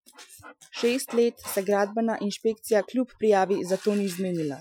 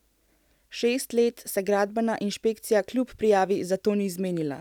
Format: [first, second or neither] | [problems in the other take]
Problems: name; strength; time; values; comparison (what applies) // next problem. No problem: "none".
second | noise reduction (classical method Wiener filter)